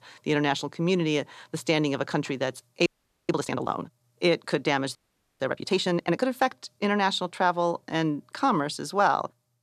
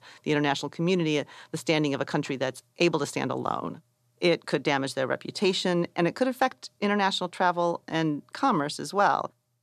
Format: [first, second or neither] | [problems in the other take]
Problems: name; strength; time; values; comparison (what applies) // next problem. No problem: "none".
second | audio freezing; at 3 s and at 5 s